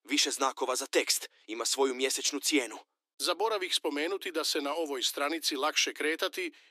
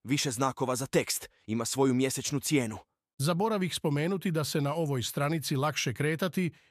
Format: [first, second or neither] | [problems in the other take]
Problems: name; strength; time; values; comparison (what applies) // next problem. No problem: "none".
second | thin; somewhat; fading below 300 Hz